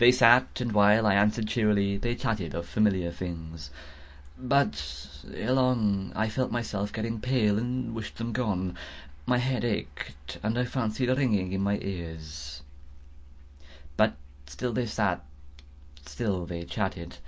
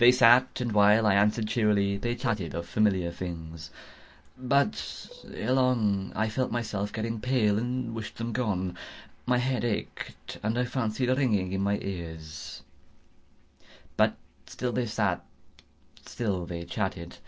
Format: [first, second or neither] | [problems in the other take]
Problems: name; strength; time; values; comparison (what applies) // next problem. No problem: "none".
first | noise reduction (neural separator model SepFormer DNS4)